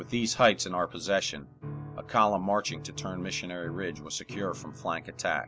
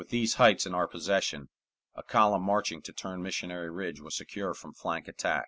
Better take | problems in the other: second | background sound (Piano); 14 dB below the speech

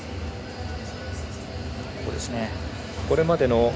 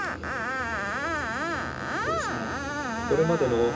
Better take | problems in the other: first | background sound (Screech); 1 dB below the speech // room echo; dies away in 0.2 s

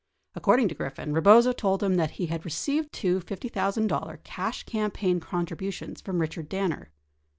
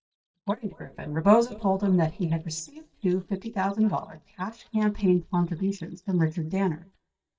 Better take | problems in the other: first | noise reduction (neural mask model DeepFilterNet 3)

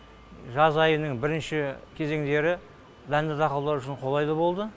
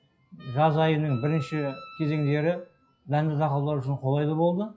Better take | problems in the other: first | noise reduction (classical method WPE with log-MMSE)

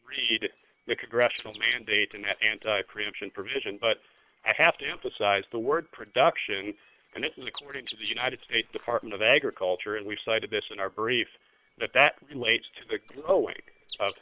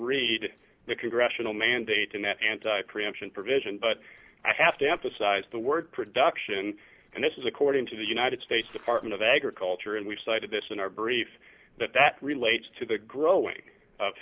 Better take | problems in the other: second | noise reduction (neural separator model SepFormer WHAM!)

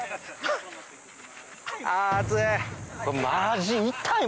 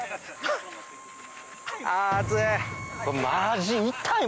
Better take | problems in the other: first | background sound (Wind instrument, woodwind instrument + Wind instrument, woodwind instrument); 16 dB below the speech

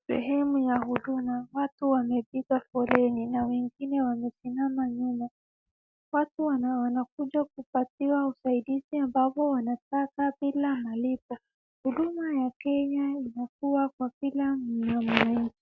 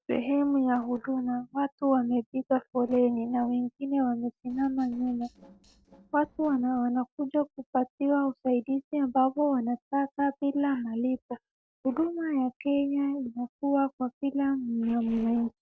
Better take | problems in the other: first | noise reduction (neural separator model SepFormer DNS4)

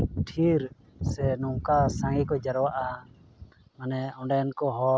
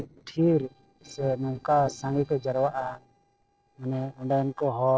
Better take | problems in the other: first | noise reduction (neural separator model SepFormer DNS4)

